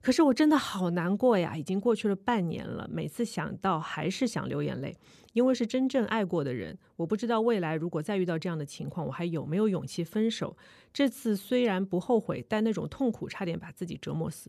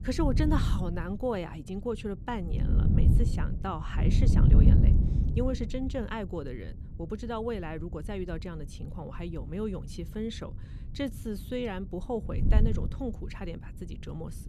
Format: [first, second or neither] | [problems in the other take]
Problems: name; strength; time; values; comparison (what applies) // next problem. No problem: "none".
first | wind noise on the microphone; heavy; 3 dB below the speech